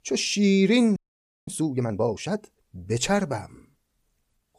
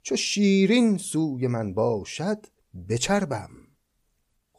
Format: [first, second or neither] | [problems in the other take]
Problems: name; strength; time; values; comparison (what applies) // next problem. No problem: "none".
second | audio freezing; at 1 s for 0.5 s